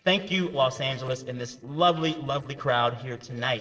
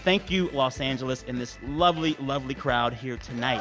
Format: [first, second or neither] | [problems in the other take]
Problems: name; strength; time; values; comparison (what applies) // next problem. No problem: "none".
second | noise reduction (neural separator model SepFormer DNS4)